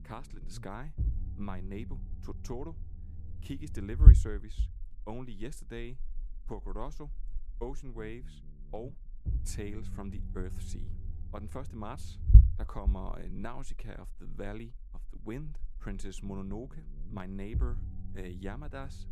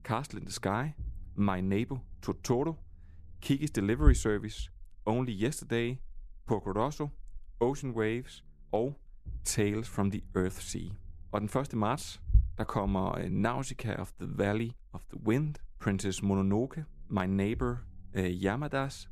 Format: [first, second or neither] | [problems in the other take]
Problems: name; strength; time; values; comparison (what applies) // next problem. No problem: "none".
second | low rumble; loud; throughout; 3 dB below the speech; faint in the second